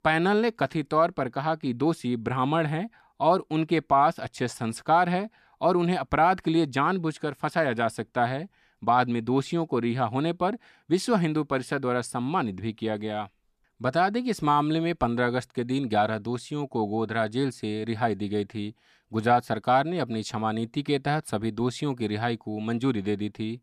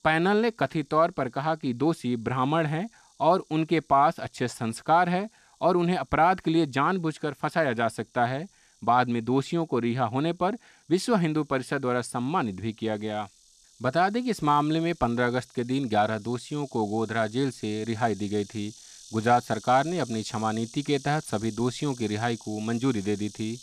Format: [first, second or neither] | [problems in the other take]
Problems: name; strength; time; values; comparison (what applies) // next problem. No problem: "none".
first | animal sounds; faint; throughout; 20 dB below the speech